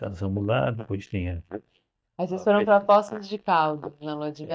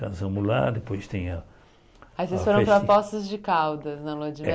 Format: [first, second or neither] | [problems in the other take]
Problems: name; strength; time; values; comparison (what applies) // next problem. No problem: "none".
second | noise reduction (neural mask model DeepFilterNet 3)